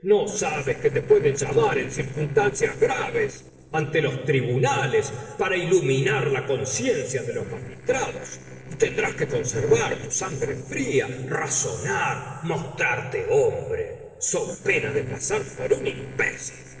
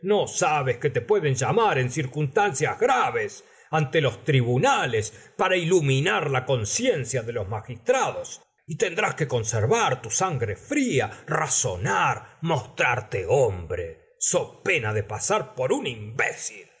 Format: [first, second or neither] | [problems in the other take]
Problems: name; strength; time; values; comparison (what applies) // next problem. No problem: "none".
second | noise reduction (neural separator model SepFormer DNS4)